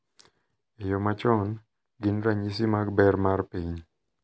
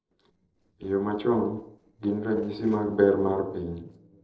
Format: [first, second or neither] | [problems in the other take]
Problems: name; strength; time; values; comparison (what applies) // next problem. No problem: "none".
first | noise reduction (neural separator model SepFormer DNS4)